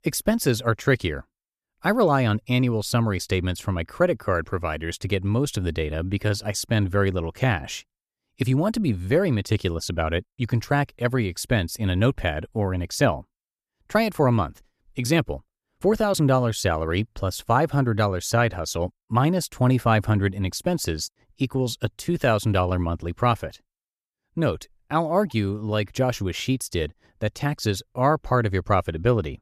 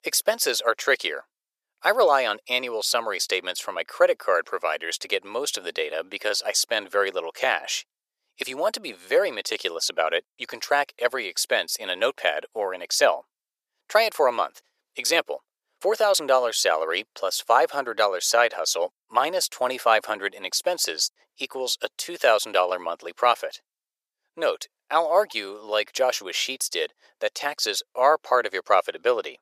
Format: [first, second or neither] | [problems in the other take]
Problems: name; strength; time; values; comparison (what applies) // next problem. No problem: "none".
first | thin; very; fading below 500 Hz